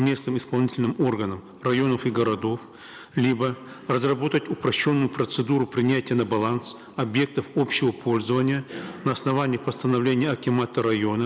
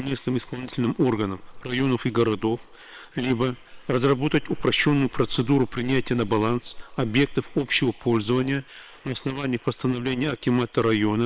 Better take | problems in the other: first | noise reduction (neural separator model SepFormer WHAM!)

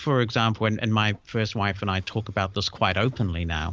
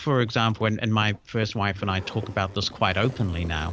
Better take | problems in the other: first | background sound (Zipper (clothing) + Run); 17 dB below the speech

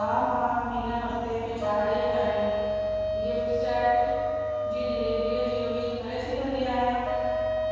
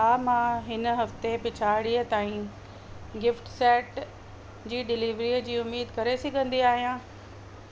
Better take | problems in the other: second | background sound (Wind instrument, woodwind instrument); 1 dB below the speech // room echo; dies away in 2.1 s

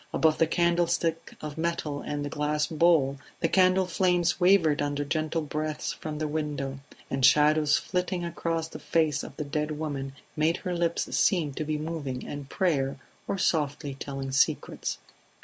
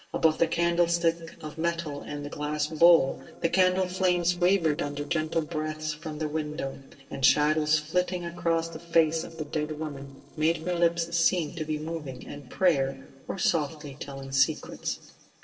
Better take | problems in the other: first | noise reduction (neural separator model SepFormer DNS4)

